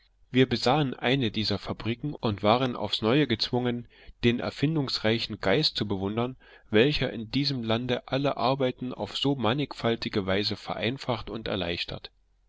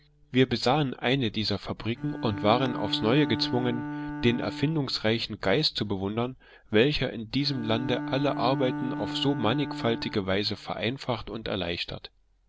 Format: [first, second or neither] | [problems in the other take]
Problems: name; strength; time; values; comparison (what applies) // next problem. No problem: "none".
first | background sound (Bowed string instrument); 9 dB below the speech